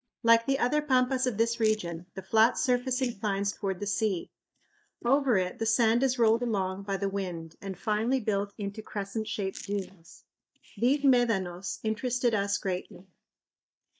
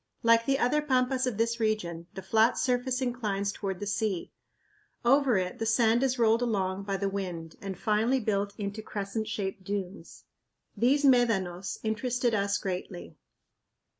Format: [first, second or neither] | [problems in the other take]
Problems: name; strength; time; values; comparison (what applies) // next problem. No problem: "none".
second | noise reduction (neural mask model DeepFilterNet 3)